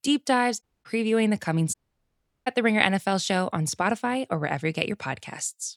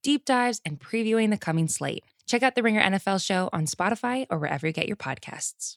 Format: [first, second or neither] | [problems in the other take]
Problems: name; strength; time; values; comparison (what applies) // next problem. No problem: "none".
second | audio cutting out; at 0.5 s and at 1.5 s for 0.5 s